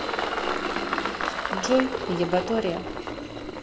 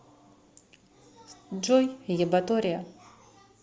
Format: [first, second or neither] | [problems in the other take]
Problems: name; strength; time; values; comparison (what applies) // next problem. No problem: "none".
second | background sound (Engine); as loud as the speech